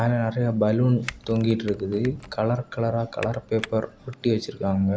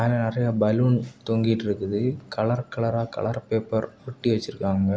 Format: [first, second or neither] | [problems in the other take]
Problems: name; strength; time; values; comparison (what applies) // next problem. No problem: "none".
second | background sound (Typing); 18 dB below the speech